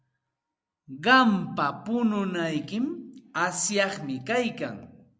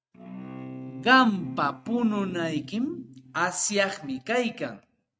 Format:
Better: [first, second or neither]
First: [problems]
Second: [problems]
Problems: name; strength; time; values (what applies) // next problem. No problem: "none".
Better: first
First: none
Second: noise reduction (neural mask model RNNoise)